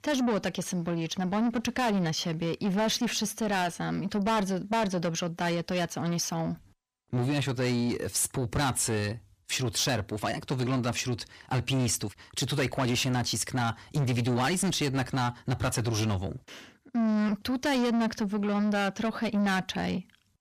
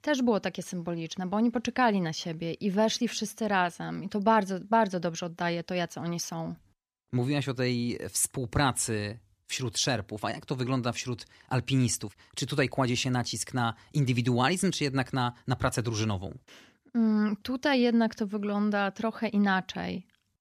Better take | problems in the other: second | distortion; heavy; 7 dB below the speech

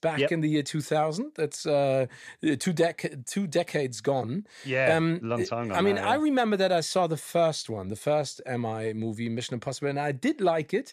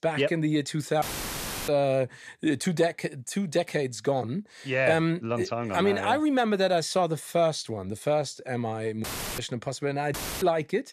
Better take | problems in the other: first | audio cutting out; filled with static; at 1 s for 0.5 s, at 9 s and at 10 s

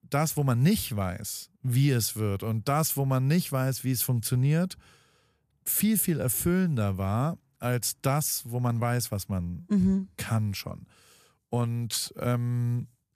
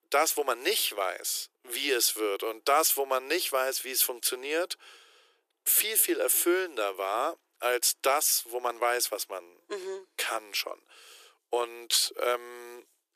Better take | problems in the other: first | thin; very; fading below 350 Hz

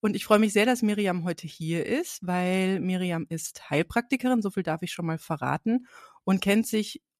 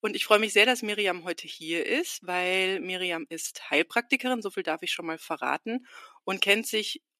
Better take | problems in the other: first | thin; somewhat; fading below 300 Hz

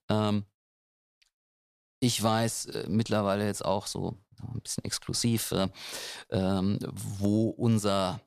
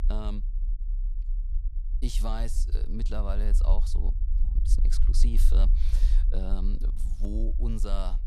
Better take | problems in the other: first | low rumble; noticeable; throughout; 10 dB below the speech

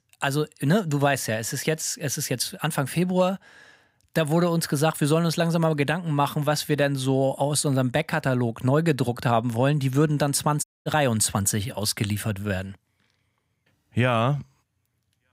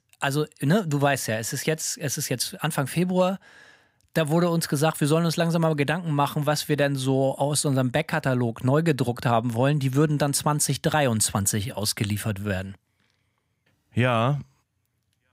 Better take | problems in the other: second | audio cutting out; at 11 s

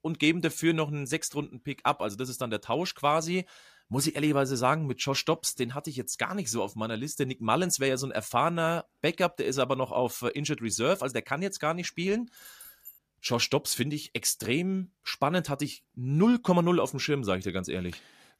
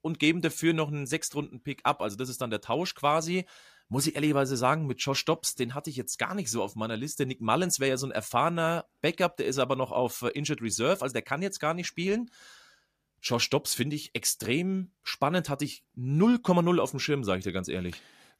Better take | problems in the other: second | jangling keys; faint; at 12 s; peak 20 dB below the speech

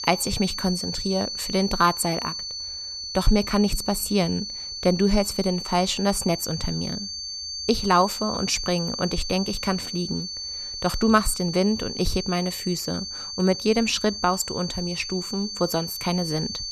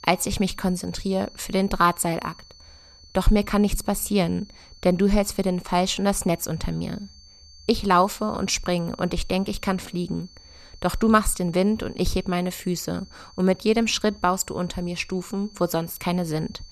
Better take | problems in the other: second | high-pitched whine; loud; throughout; 4.5 kHz, 6 dB below the speech; faint in the second

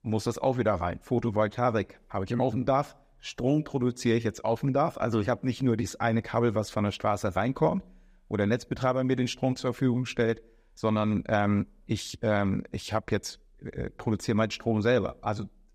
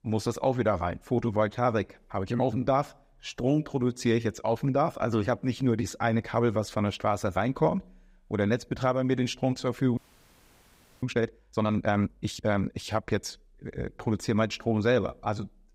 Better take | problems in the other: first | audio freezing; at 10 s for 1 s

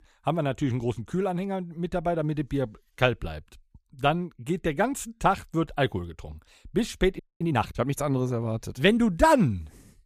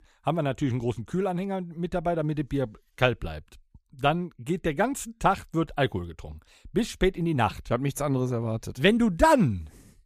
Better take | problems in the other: second | audio freezing; at 7 s

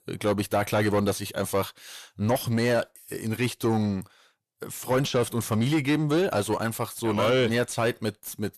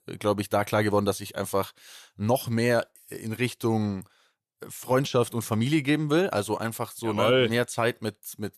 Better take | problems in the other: second | distortion; slight; 10 dB below the speech

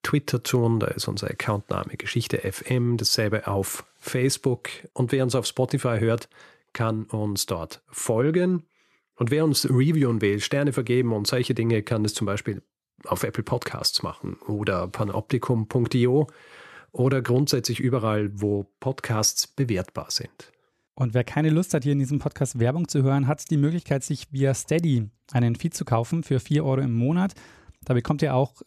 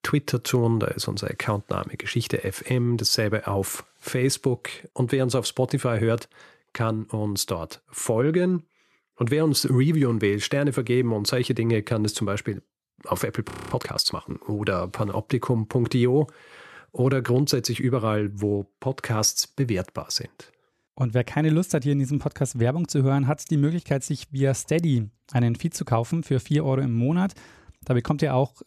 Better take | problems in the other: first | audio freezing; at 14 s

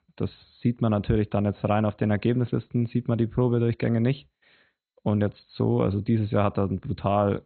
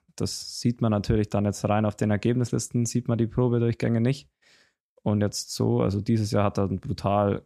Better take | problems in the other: second | garbled, watery; badly; nothing above 4 kHz

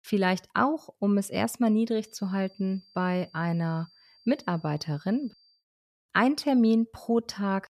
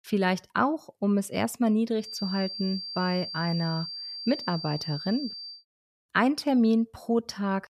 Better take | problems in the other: first | high-pitched whine; loud; from 2 to 5.5 s; 4.5 kHz, 7 dB below the speech; faint in the first

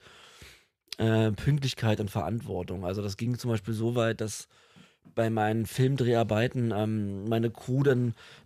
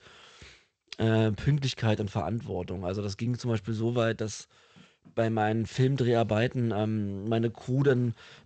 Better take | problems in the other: first | garbled, watery; slightly; nothing above 8 kHz

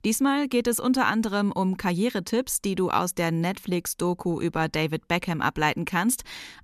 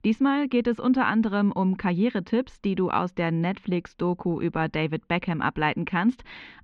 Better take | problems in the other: first | muffled; very; fading above 3 kHz

